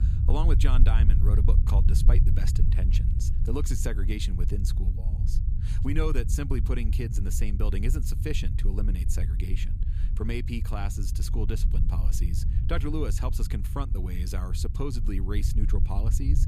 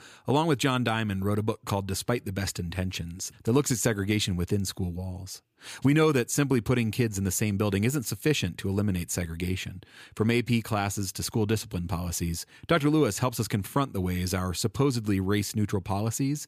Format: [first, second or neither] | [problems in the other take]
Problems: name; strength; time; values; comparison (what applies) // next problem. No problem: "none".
second | low rumble; loud; throughout; 7 dB below the speech